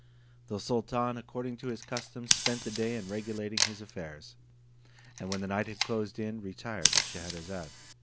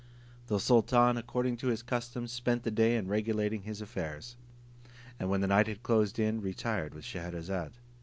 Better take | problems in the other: second | background sound (Camera + Scissors); as loud as the speech

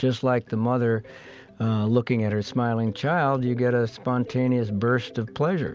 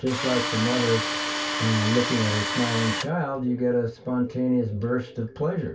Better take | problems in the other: first | background sound (Tools); 2 dB below the speech // room echo; dies away in 0.2 s

